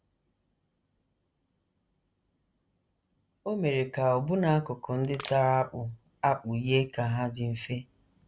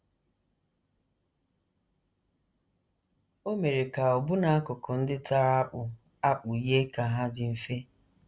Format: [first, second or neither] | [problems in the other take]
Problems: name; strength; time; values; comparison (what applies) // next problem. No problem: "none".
second | background sound (Crushing); 13 dB below the speech